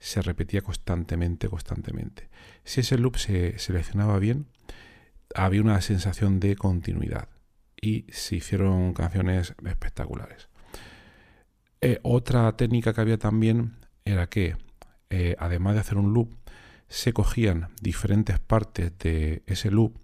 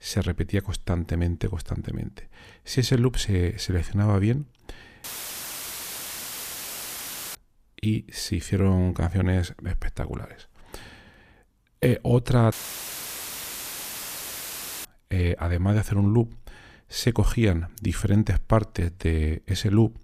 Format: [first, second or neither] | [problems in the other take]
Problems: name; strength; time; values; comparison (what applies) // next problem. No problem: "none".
first | audio cutting out; filled with static; at 5 s for 2.5 s and at 13 s for 2.5 s